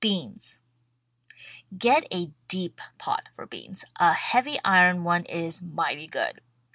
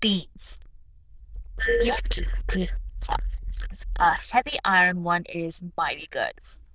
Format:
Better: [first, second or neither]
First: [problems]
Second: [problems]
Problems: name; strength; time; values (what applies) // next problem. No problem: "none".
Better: first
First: none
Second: noise reduction (neural diffusion model UNIVERSE++)